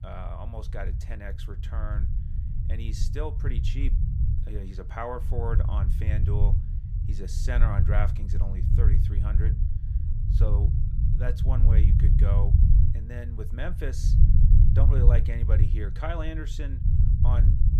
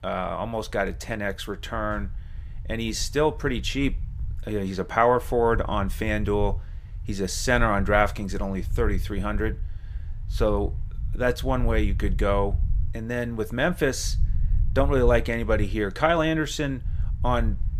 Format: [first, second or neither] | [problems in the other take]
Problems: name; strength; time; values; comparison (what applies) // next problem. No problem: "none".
second | low rumble; loud; throughout; 3 dB below the speech; faint in the second